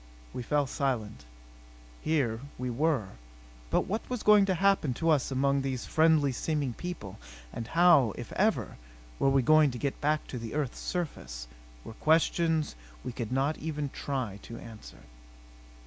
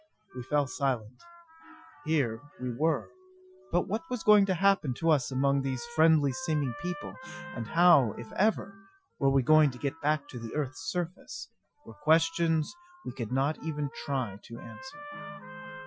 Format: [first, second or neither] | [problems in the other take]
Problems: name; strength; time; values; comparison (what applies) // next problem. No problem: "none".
first | noise reduction (classical method Wiener filter)